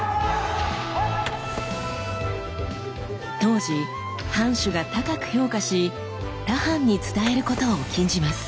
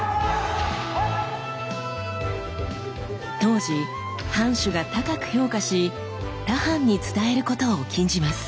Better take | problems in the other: second | background sound (Drawer open or close); 11 dB below the speech

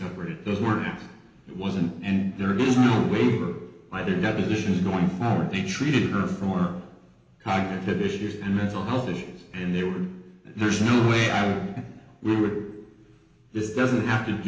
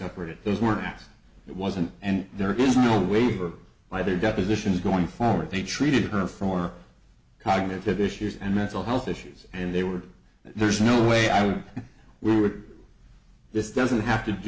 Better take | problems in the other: second | room echo; dies away in 0.9 s

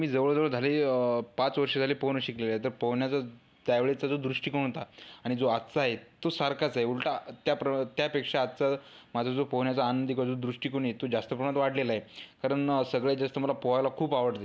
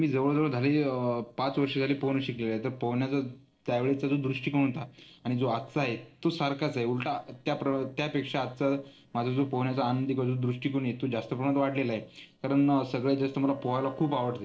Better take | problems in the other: first | noise reduction (neural separator model SepFormer DNS4)

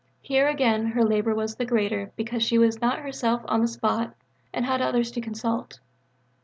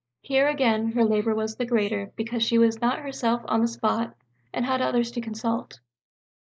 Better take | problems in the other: first | noise reduction (neural mask model Resemble Enhance denoiser)

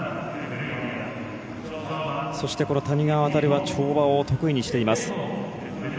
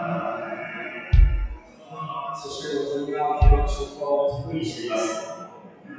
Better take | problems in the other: first | noise reduction (classical method WPE with log-MMSE)

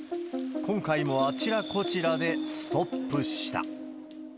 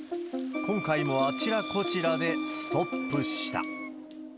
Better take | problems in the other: first | background sound (Wind instrument, woodwind instrument); 11 dB below the speech

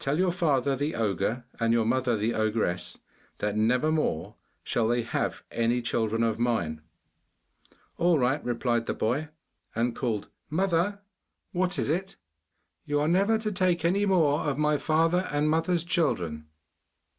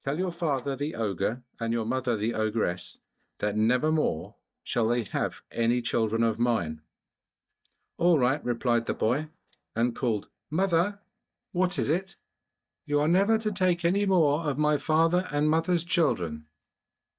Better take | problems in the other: first | noise reduction (neural mask model DeepFilterNet 3)

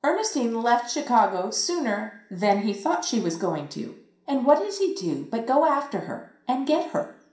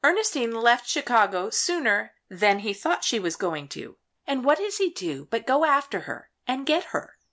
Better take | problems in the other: second | room echo; dies away in 0.5 s

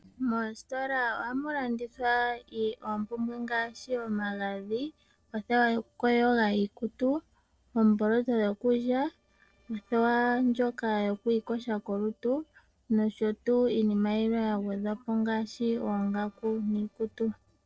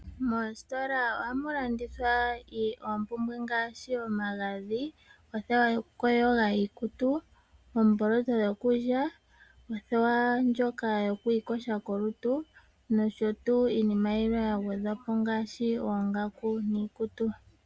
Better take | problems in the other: second | noise reduction (neural separator model SepFormer DNS4)

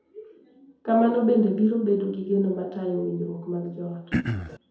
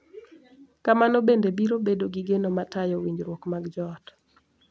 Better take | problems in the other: second | background sound (Cough); 2 dB below the speech // room echo; dies away in 2.1 s

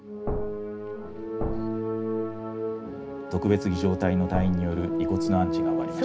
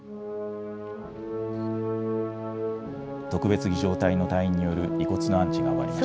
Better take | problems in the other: second | background sound (Thump, thud); 8 dB below the speech // room echo; dies away in 0.3 s

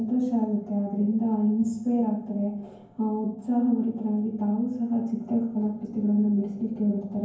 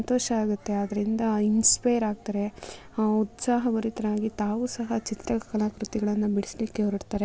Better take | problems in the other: second | room echo; dies away in 0.9 s

